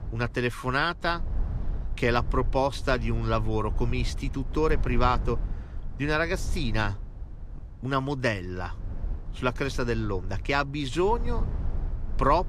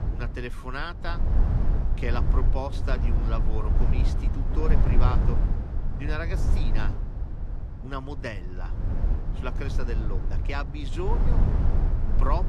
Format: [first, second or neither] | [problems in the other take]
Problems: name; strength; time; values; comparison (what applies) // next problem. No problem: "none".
first | low rumble; loud; throughout; 5 dB below the speech; faint in the first